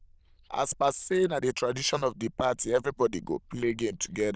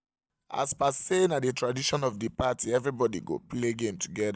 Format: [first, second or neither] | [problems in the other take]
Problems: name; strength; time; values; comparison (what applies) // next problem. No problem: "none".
second | noise reduction (neural diffusion model UNIVERSE++)